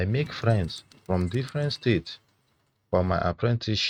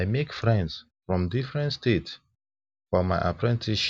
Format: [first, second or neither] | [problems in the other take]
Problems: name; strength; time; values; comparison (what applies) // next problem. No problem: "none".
second | noise reduction (neural mask model RNNoise)